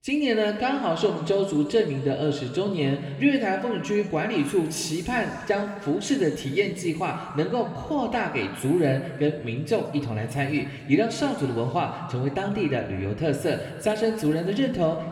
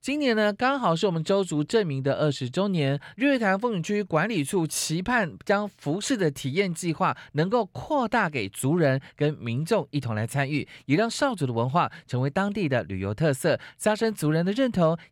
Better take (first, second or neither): second